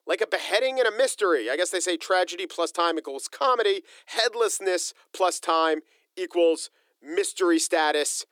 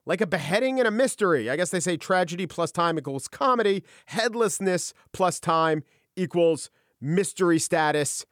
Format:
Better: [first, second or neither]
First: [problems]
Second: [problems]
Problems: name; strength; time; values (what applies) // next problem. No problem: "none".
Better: second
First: thin; very; fading below 300 Hz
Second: none